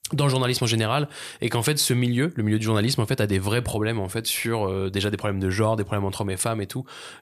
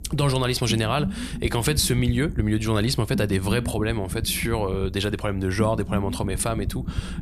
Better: first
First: none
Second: low rumble; noticeable; throughout; 15 dB below the speech

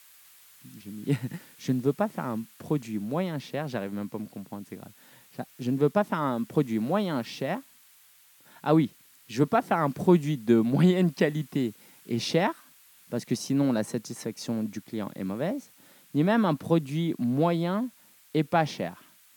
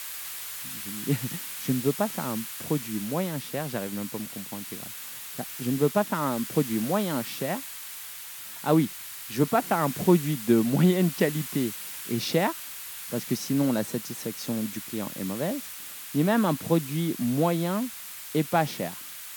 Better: first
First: hiss; faint; throughout; 25 dB below the speech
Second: hiss; loud; throughout; 8 dB below the speech

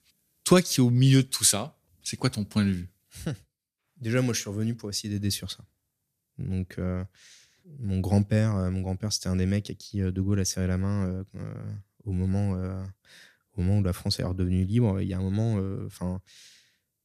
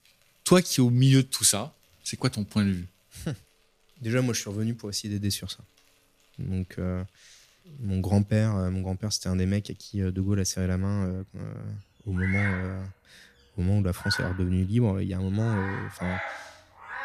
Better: first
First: none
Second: animal sounds; loud; throughout; 8 dB below the speech

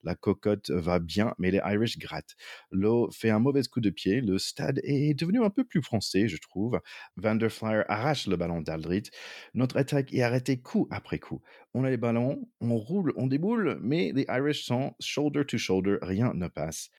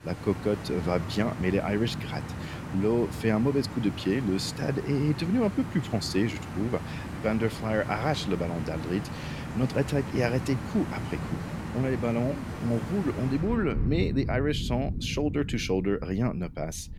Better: first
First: none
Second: rain or running water; loud; throughout; 7 dB below the speech

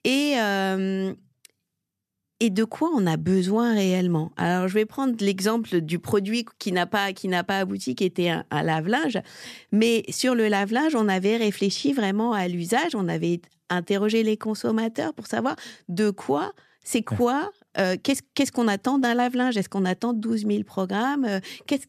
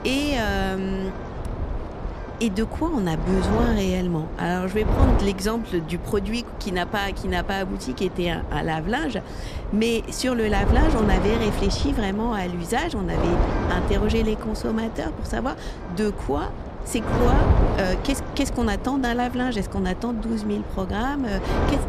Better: first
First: none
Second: wind noise on the microphone; heavy; 5 dB below the speech

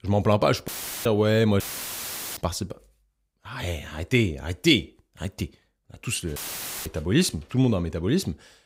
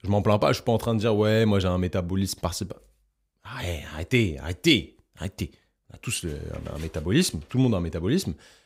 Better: second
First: audio cutting out; filled with static; at 0.5 s, at 1.5 s for 1 s and at 6.5 s for 0.5 s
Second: none

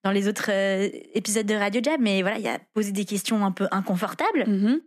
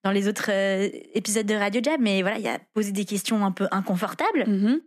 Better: neither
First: none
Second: none

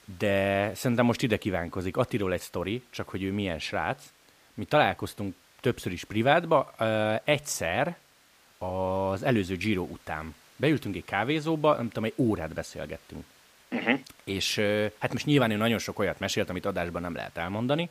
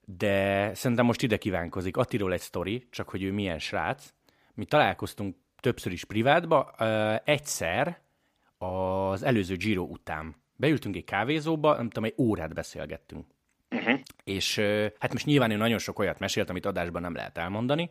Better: second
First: hiss; faint; throughout; 30 dB below the speech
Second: none

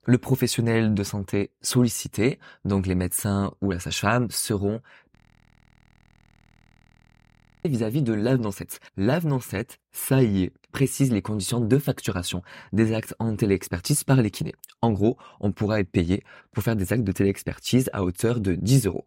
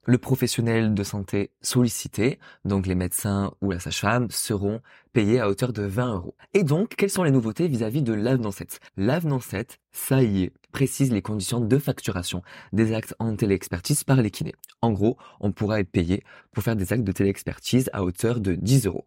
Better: second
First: audio freezing; at 5 s for 2.5 s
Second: none

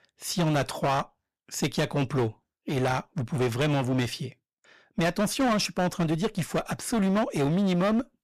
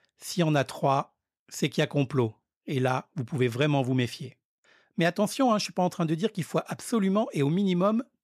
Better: second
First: distortion; heavy; 15% of the sound clipped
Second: none

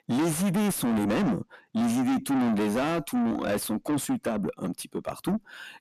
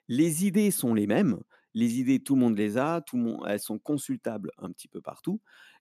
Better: second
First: distortion; heavy; 5 dB below the speech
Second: none

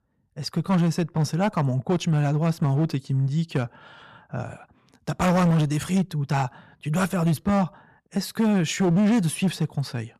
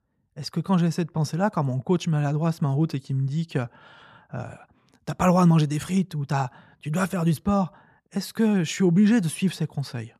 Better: second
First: distortion; slight; 11% of the sound clipped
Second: none

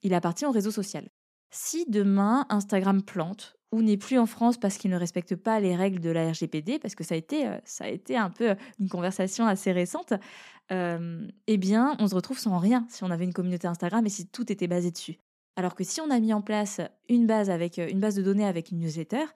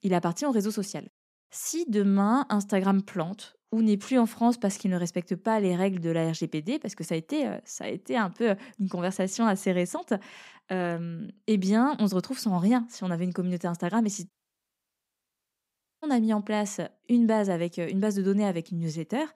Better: first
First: none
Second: audio cutting out; at 14 s for 1.5 s

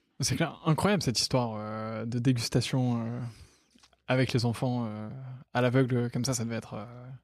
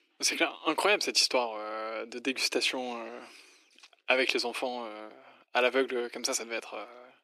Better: first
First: none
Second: thin; very; fading below 300 Hz

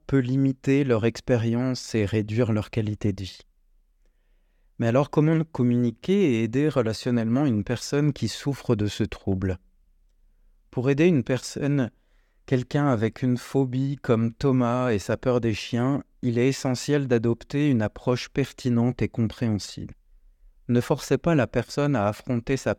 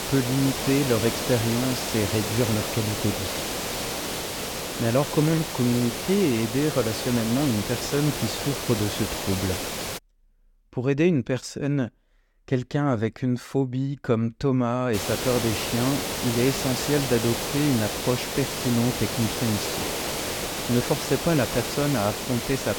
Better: first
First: none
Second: hiss; loud; until 10 s and from 15 s on; 3 dB below the speech

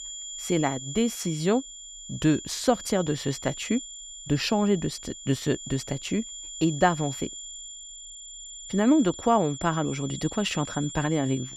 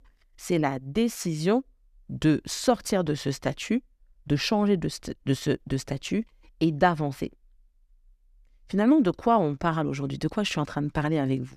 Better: second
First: high-pitched whine; noticeable; throughout; 7 kHz, 10 dB below the speech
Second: none

